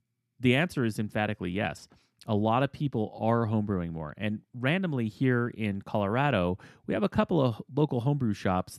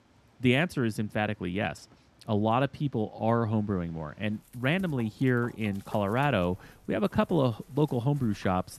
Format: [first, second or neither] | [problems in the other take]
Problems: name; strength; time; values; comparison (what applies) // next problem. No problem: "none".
first | animal sounds; faint; throughout; 25 dB below the speech